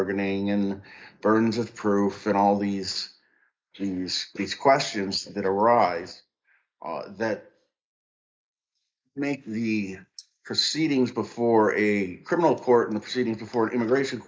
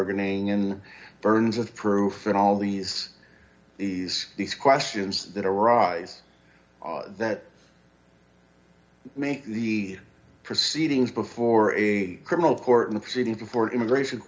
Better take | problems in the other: second | noise reduction (neural mask model Resemble Enhance denoiser)

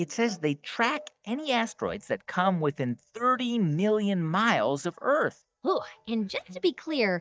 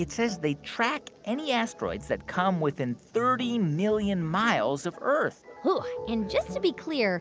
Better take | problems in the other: second | noise reduction (neural mask model DeepFilterNet 3)

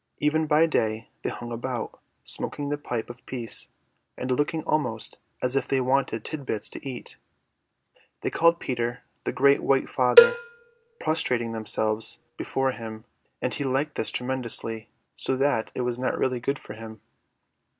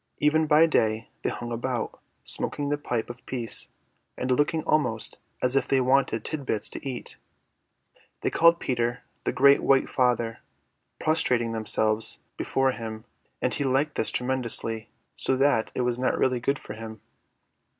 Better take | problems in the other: second | background sound (Cowbell); 3 dB above the speech

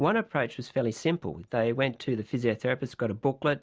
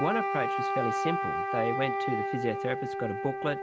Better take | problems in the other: first | background sound (Wind instrument, woodwind instrument); 1 dB above the speech

